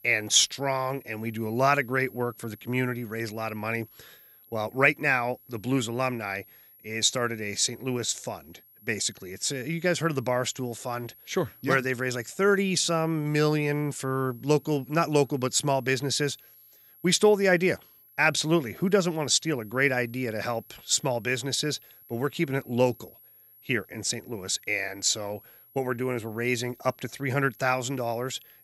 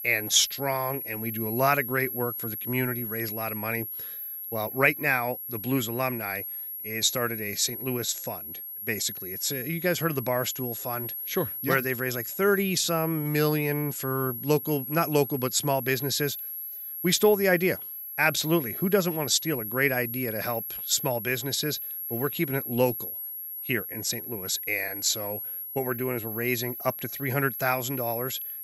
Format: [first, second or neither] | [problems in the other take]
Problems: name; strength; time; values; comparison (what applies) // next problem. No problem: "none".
first | high-pitched whine; loud; throughout; 11.5 kHz, 6 dB below the speech; faint in the first